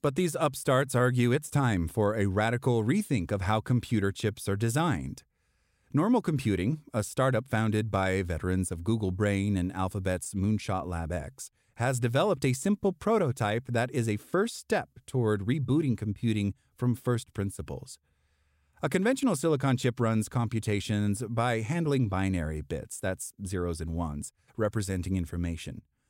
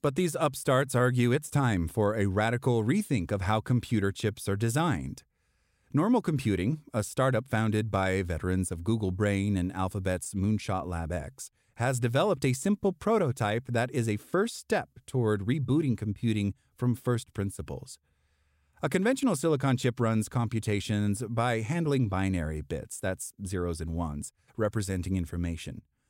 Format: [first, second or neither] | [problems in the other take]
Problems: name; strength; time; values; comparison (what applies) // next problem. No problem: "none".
neither | none